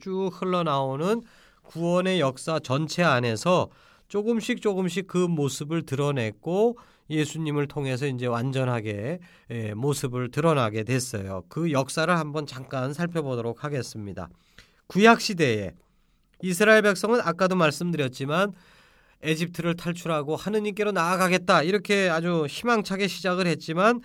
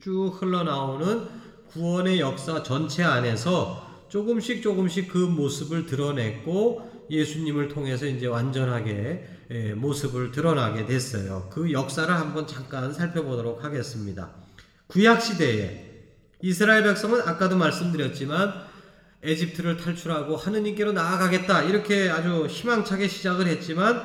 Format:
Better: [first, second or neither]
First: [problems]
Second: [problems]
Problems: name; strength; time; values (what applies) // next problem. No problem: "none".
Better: first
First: none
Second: room echo; very slight; dies away in 1 s